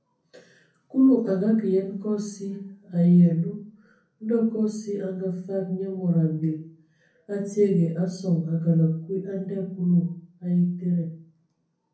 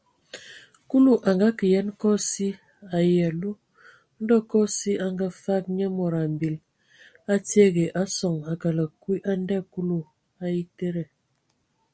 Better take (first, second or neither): second